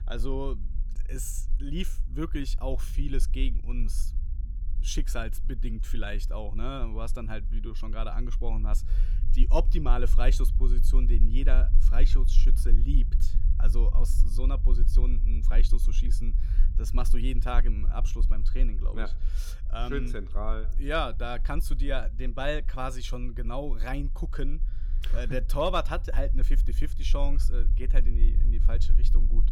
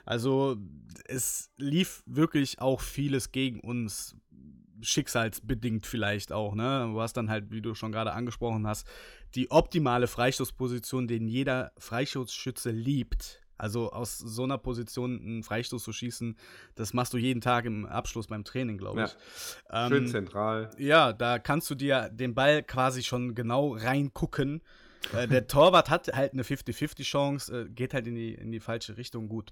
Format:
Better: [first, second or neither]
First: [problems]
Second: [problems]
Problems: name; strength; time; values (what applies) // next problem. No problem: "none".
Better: second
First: low rumble; noticeable; throughout; 15 dB below the speech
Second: none